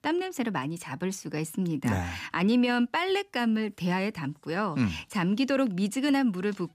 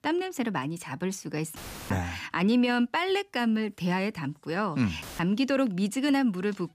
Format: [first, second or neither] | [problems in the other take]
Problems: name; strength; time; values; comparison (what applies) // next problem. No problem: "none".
first | audio cutting out; filled with static; at 1.5 s and at 5 s